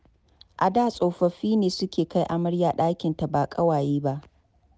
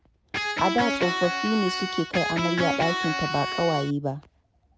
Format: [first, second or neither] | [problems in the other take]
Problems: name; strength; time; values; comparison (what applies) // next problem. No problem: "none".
first | background sound (Electric guitar); 1 dB below the speech